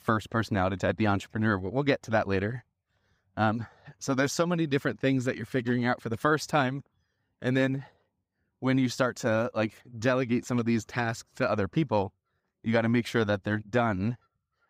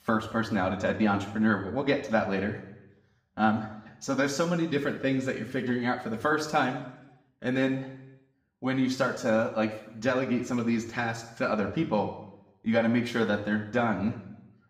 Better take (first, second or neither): first